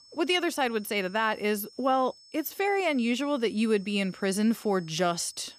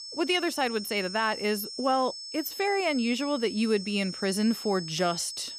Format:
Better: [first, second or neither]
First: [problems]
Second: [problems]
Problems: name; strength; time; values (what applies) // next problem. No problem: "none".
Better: first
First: high-pitched whine; faint; throughout; 5.5 kHz, 25 dB below the speech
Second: high-pitched whine; loud; throughout; 5.5 kHz, 9 dB below the speech